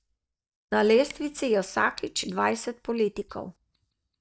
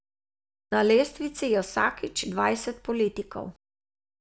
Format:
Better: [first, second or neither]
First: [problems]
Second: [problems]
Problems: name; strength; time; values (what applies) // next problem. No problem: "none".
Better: second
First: noise reduction (neural mask model DeepFilterNet 3)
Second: none